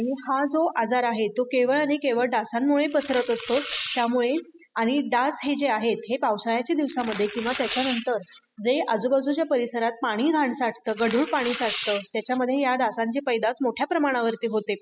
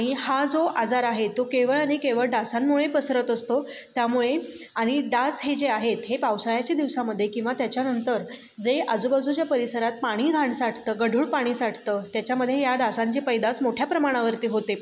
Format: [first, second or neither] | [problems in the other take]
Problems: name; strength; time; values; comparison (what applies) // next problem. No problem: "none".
second | noise reduction (classical method spectral subtraction)